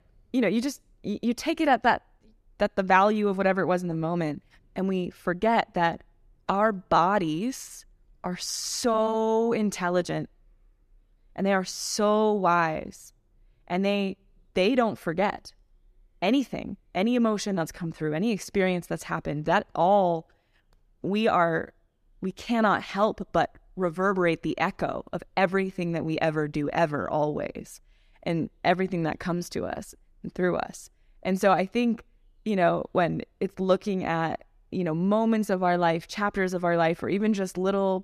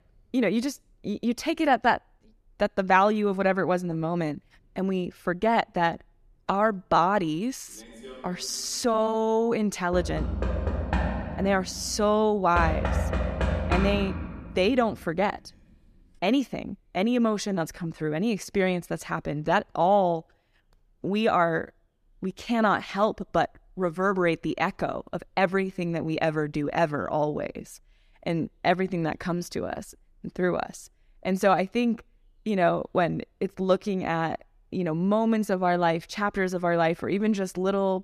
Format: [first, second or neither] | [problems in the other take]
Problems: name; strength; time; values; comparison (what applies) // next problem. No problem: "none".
first | door banging; noticeable; from 8 to 15 s; peak level with the speech